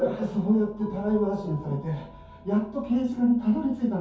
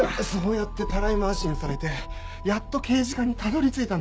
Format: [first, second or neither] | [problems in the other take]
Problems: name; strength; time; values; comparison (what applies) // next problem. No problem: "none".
second | room echo; dies away in 0.6 s